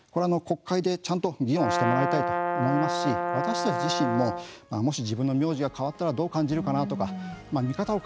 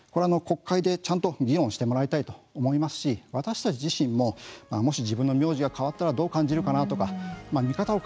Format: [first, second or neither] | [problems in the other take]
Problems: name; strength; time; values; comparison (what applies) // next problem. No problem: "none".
second | background sound (Brass instrument); 1 dB below the speech